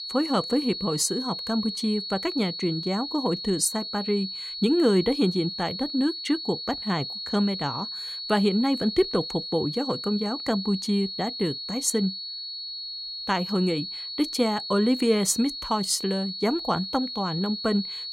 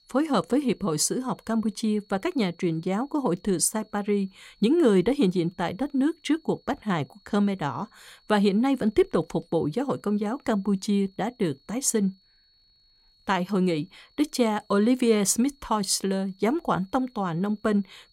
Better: second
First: high-pitched whine; loud; throughout; 4.5 kHz, 6 dB below the speech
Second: high-pitched whine; faint; throughout; 4.5 kHz, 35 dB below the speech

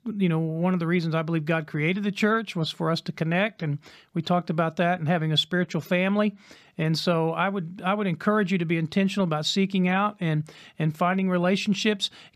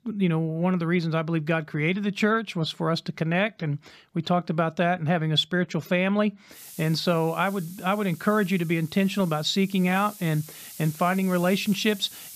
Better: first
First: none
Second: hiss; noticeable; from 6.5 s on; 20 dB below the speech

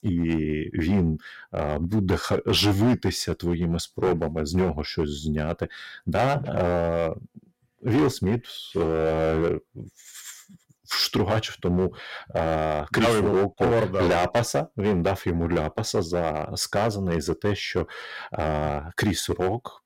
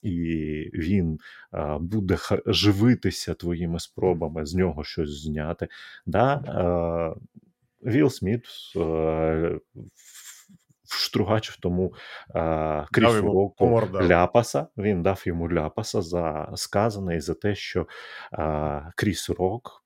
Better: second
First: distortion; heavy; 7% of the sound clipped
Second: none

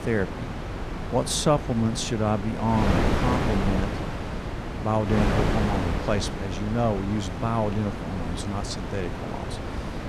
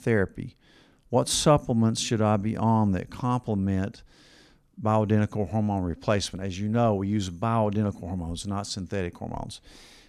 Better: second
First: wind noise on the microphone; heavy; 3 dB below the speech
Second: none

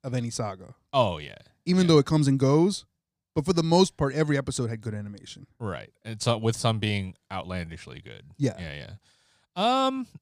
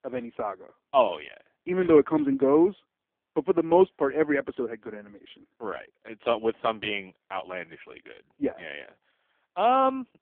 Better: first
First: none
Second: phone-call audio; poor line; nothing above 3.5 kHz

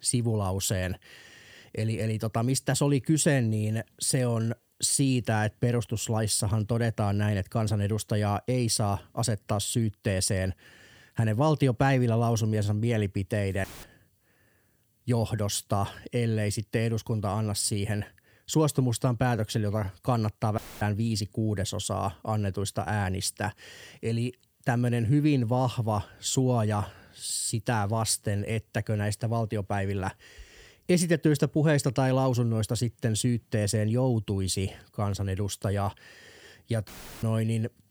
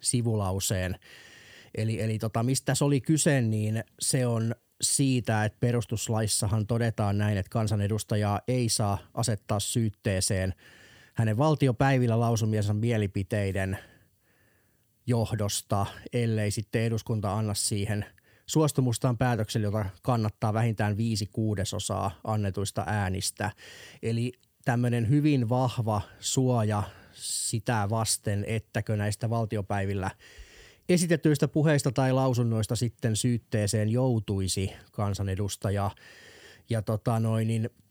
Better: second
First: audio cutting out; filled with static; at 14 s, at 21 s and at 37 s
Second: none

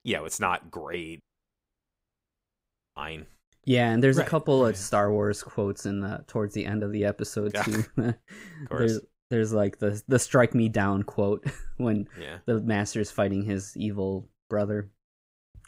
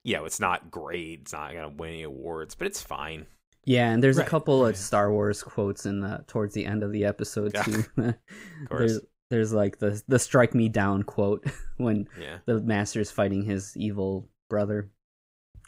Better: second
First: audio cutting out; at 1 s for 2 s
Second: none

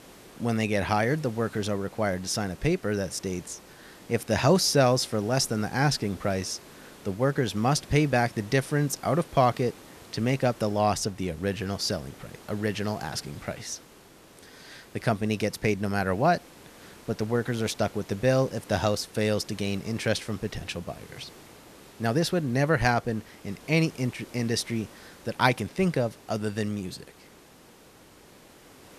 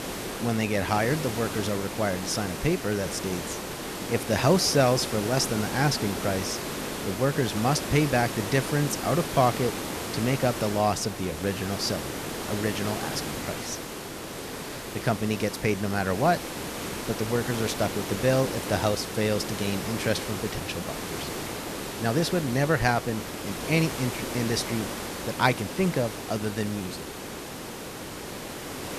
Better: first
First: hiss; faint; throughout; 20 dB below the speech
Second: hiss; loud; throughout; 6 dB below the speech

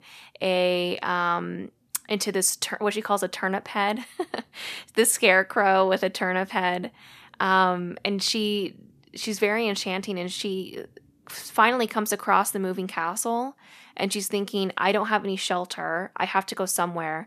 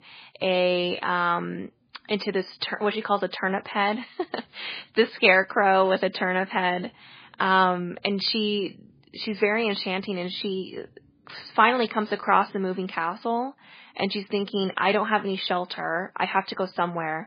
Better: first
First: none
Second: garbled, watery; badly; nothing above 4.5 kHz

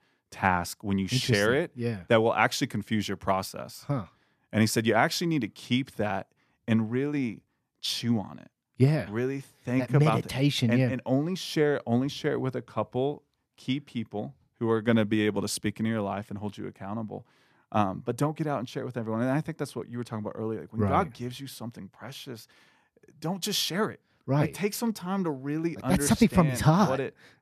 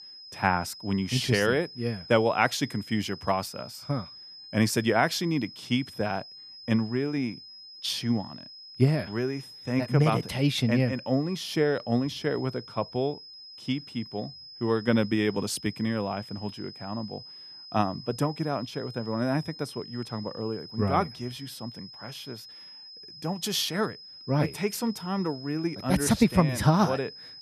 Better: first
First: none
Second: high-pitched whine; noticeable; throughout; 5 kHz, 15 dB below the speech

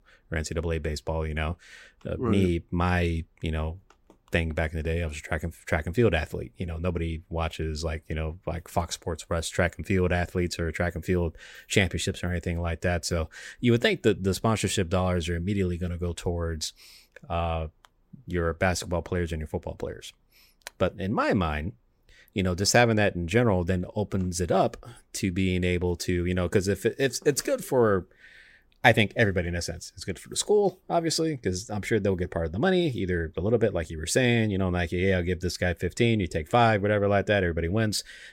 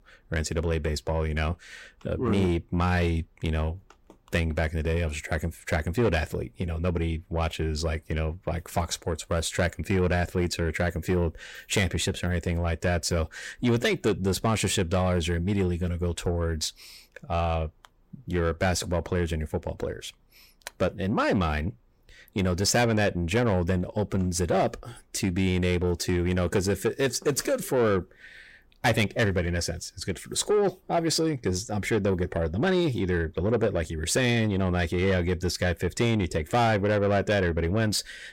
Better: first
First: none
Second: distortion; slight; 10 dB below the speech

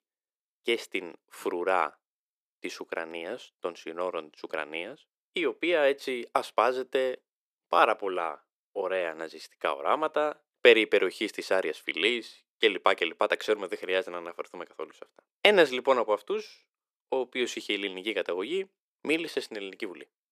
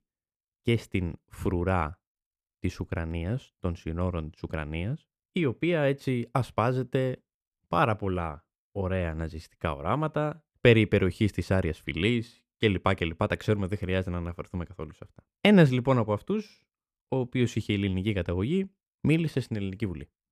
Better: second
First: thin; very; fading below 400 Hz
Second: none

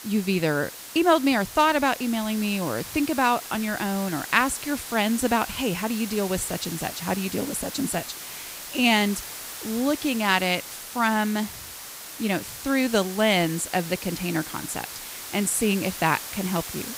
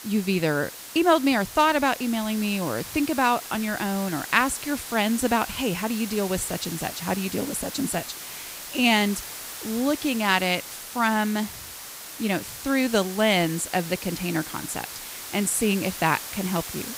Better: neither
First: hiss; noticeable; throughout; 10 dB below the speech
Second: hiss; noticeable; throughout; 10 dB below the speech

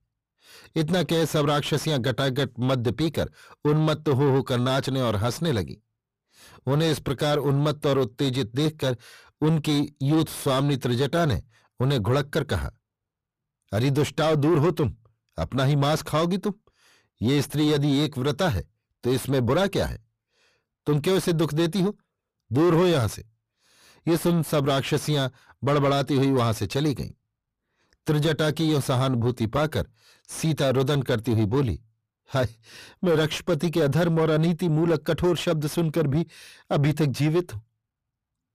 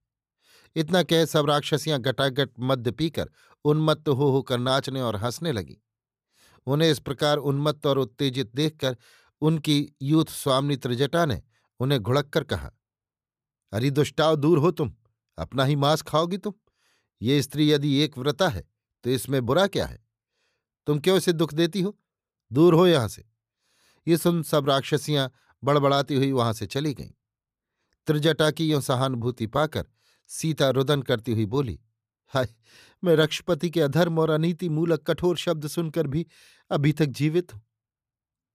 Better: second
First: distortion; heavy; 8 dB below the speech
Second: none

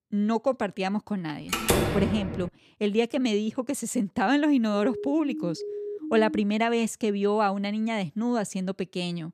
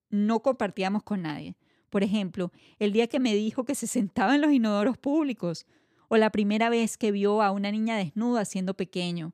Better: second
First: door banging; loud; at 1.5 s; peak 3 dB above the speech // siren; noticeable; from 4.5 to 6.5 s; peak 7 dB below the speech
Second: none

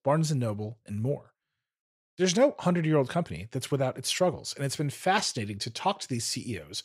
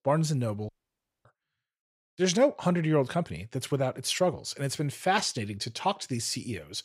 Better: first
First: none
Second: audio cutting out; at 0.5 s for 0.5 s

